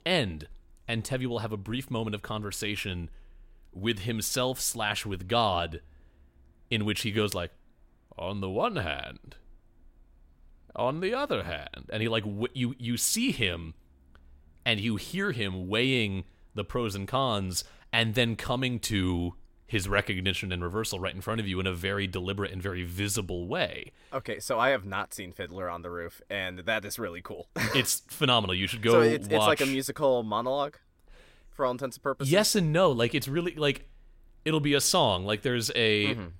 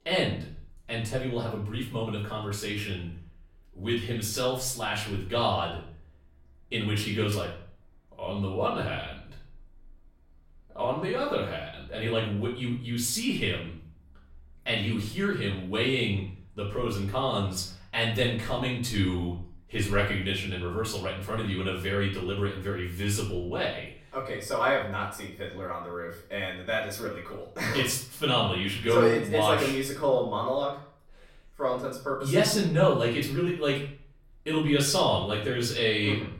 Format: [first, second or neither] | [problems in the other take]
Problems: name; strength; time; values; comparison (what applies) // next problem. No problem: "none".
first | room echo; slight; dies away in 0.5 s // off-mic speech; far